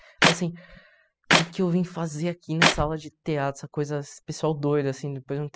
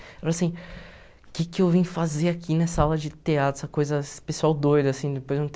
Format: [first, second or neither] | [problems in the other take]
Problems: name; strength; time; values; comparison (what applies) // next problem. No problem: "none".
second | noise reduction (classical method spectral subtraction)